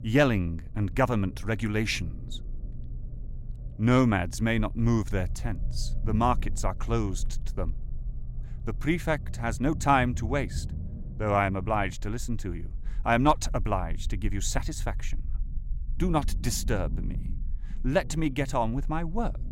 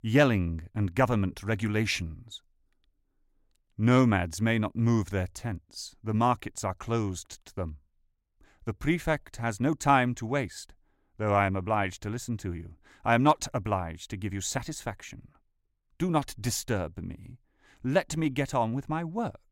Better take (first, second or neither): second